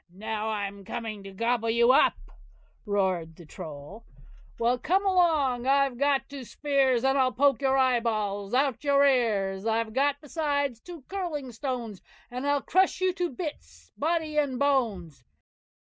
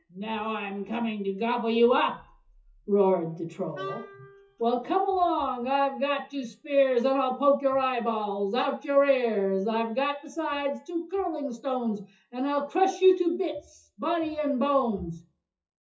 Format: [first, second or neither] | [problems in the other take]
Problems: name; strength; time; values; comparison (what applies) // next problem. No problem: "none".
first | noise reduction (classical method WPE with log-MMSE)